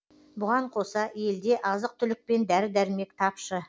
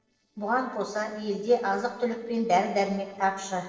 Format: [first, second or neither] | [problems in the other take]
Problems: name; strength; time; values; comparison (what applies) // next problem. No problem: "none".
first | noise reduction (neural separator model SepFormer DNS4)